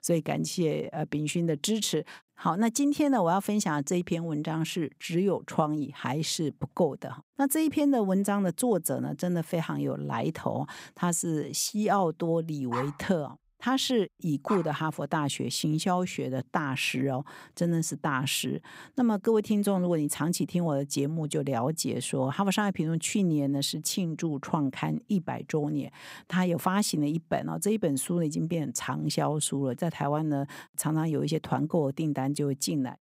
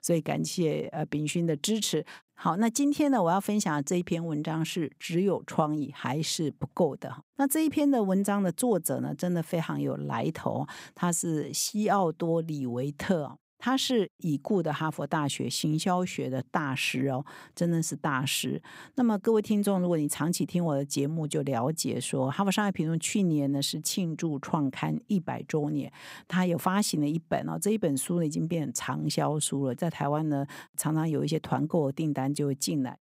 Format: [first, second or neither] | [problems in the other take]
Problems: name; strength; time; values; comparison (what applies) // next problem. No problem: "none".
second | dog barking; noticeable; from 13 to 15 s; peak 8 dB below the speech